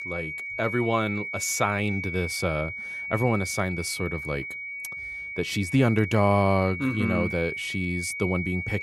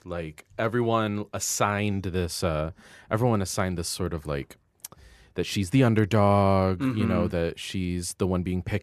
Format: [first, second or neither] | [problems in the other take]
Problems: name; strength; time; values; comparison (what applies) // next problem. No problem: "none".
second | high-pitched whine; loud; throughout; 2.5 kHz, 6 dB below the speech